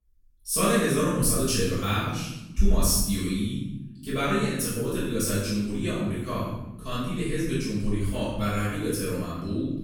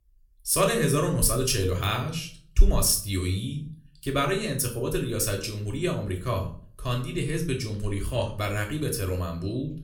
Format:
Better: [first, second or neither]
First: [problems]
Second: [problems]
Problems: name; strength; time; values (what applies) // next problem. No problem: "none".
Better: second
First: room echo; strong; dies away in 0.9 s // off-mic speech; far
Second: room echo; slight; dies away in 0.4 s // off-mic speech; somewhat distant